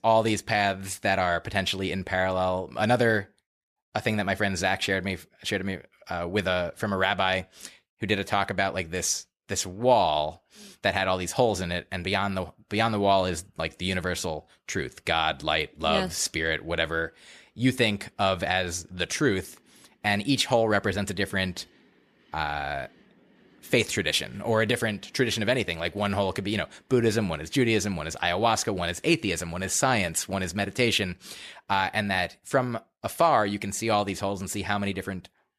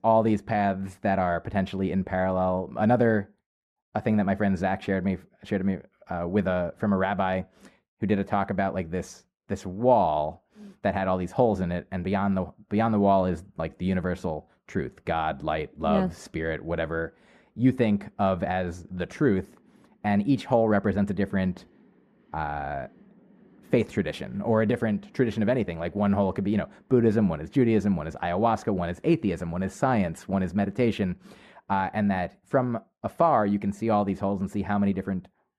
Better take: first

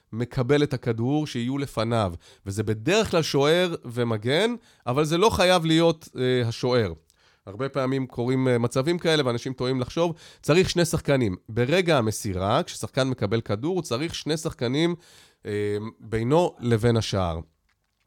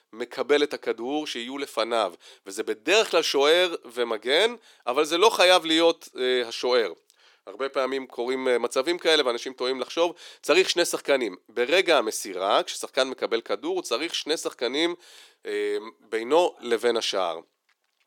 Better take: first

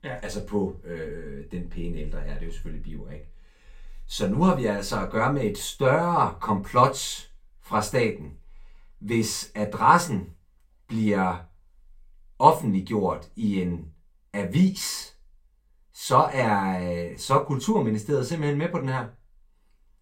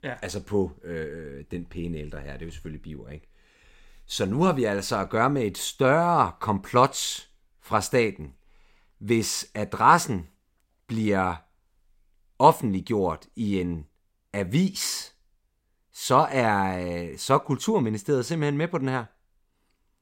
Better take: second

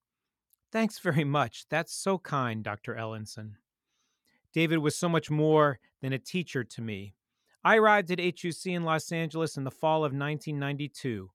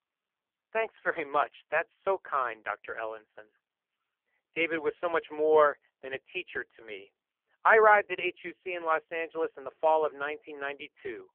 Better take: first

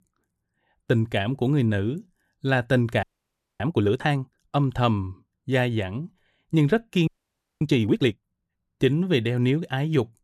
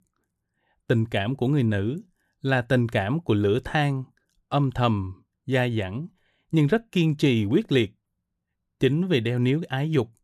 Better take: second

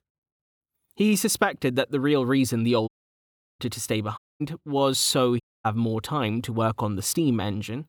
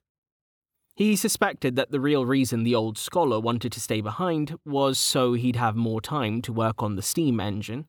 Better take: second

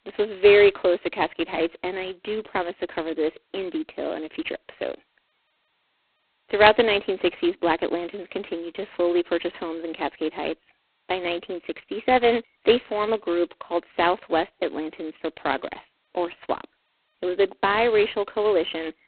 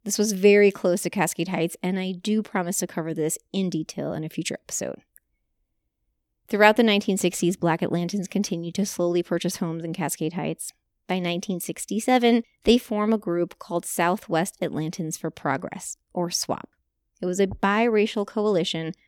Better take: second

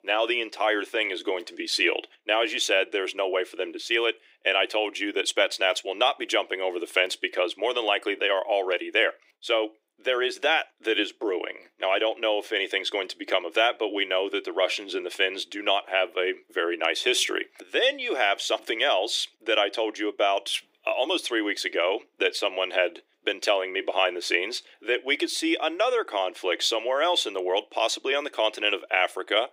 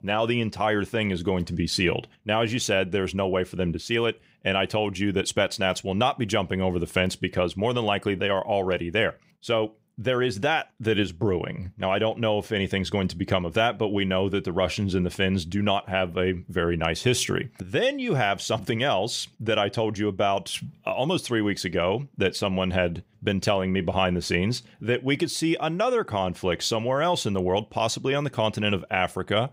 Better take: second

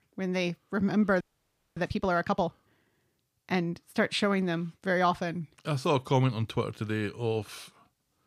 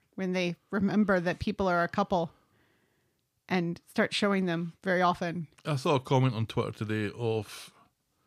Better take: second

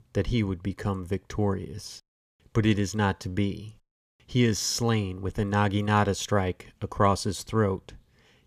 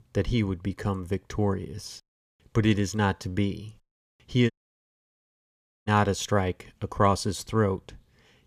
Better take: first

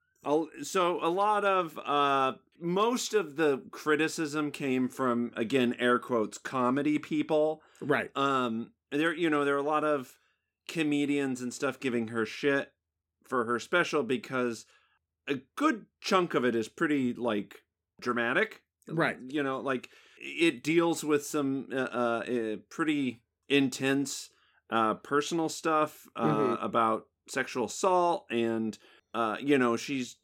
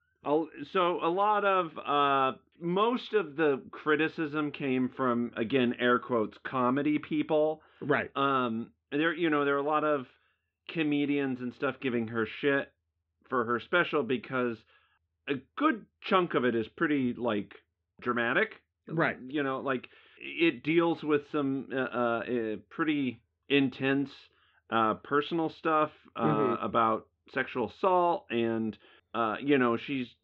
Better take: first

